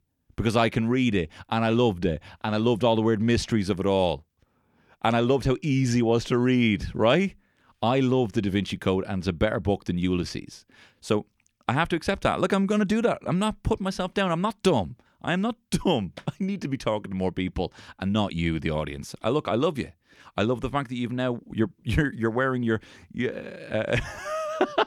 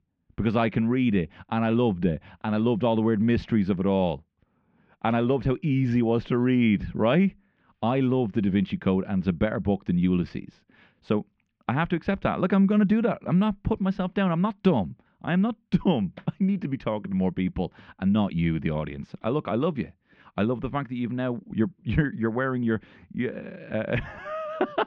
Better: first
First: none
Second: muffled; slightly; fading above 3 kHz

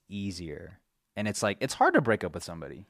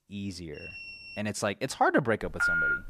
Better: first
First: none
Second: alarm; faint; at 0.5 s; peak 10 dB below the speech // phone ringing; loud; at 2 s; peak 5 dB above the speech

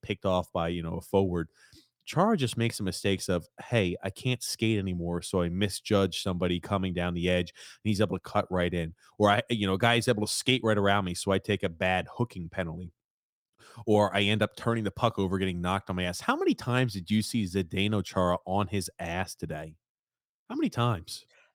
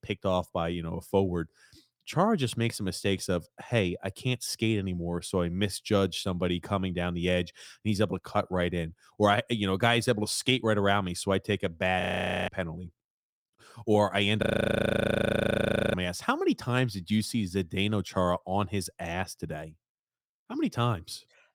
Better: first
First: none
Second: audio freezing; at 12 s and at 14 s for 1.5 s

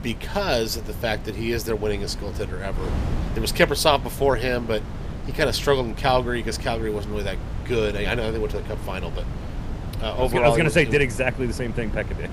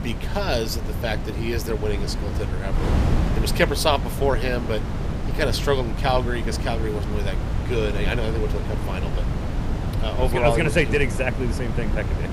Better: first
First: wind noise on the microphone; occasional gusts; 15 dB below the speech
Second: wind noise on the microphone; heavy; 8 dB below the speech

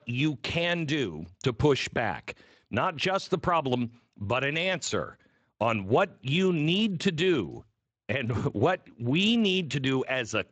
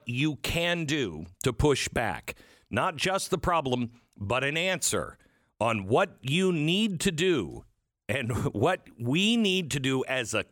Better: second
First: garbled, watery; slightly; nothing above 7.5 kHz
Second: none

